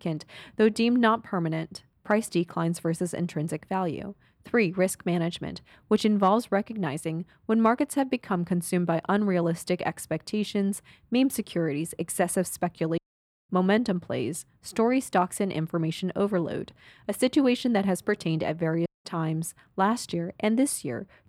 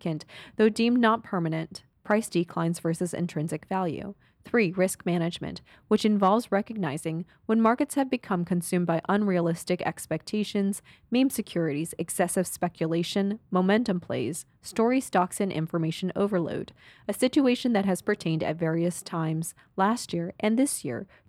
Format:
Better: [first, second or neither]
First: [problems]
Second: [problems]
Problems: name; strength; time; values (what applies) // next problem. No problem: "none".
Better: second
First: audio cutting out; at 13 s for 0.5 s and at 19 s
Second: none